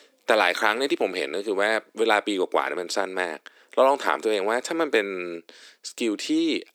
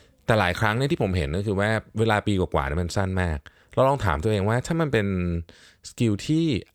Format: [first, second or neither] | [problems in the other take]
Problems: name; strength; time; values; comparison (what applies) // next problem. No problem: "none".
second | thin; somewhat; fading below 300 Hz